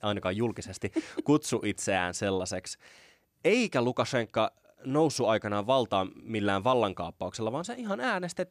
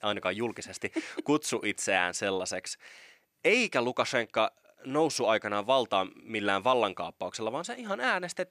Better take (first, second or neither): first